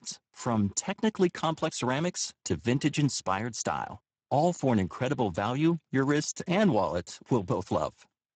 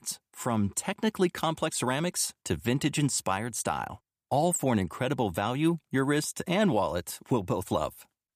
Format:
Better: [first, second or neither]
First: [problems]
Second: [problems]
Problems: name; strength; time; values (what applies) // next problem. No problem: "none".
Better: second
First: garbled, watery; badly; nothing above 7.5 kHz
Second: none